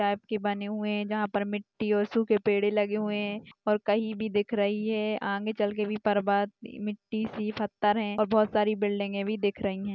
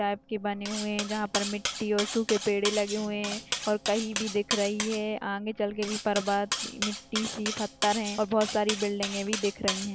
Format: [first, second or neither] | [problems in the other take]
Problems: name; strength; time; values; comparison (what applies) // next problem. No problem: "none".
first | background sound (Cutlery, silverware); 6 dB below the speech